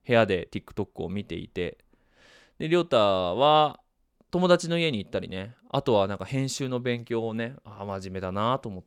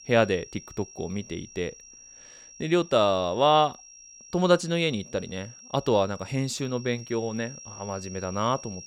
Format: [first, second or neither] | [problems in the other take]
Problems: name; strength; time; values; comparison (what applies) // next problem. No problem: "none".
first | high-pitched whine; noticeable; throughout; 5.5 kHz, 20 dB below the speech